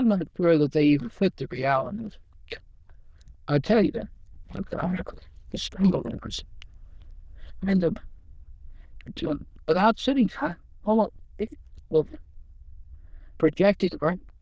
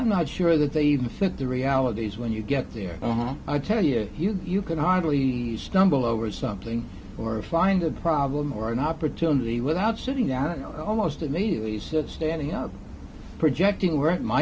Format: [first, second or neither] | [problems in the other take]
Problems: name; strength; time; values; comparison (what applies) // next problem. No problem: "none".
second | noise reduction (neural diffusion model UNIVERSE++)